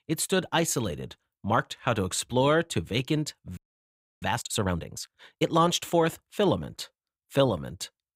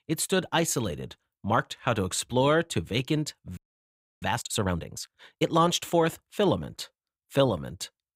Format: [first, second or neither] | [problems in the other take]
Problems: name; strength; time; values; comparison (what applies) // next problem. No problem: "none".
neither | audio freezing; at 3.5 s for 0.5 s; the same in both